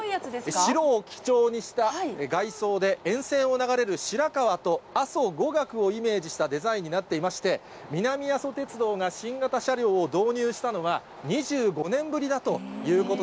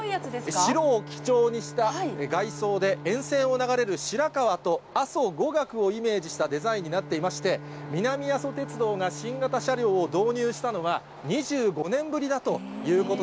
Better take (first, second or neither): first